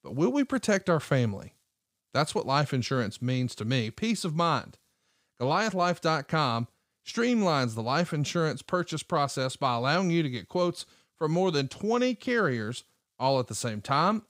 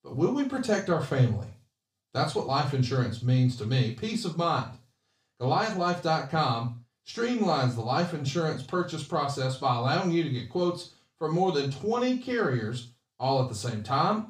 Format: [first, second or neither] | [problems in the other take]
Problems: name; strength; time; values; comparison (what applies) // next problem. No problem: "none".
first | room echo; slight; dies away in 0.3 s // off-mic speech; far